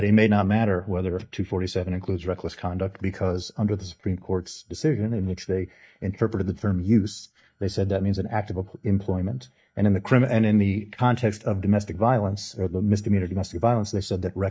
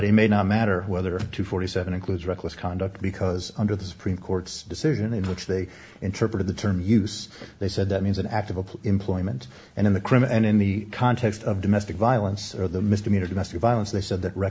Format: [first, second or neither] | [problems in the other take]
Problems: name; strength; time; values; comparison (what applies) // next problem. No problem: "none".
second | noise reduction (neural mask model DeepFilterNet 3)